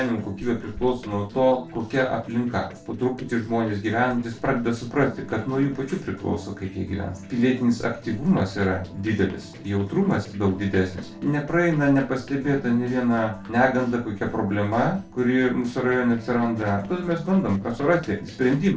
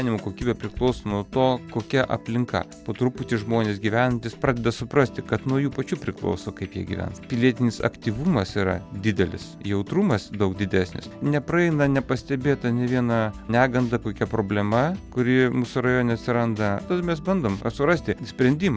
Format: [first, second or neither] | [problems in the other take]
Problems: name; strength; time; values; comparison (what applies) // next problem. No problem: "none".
second | noise reduction (neural separator model SepFormer DNS4)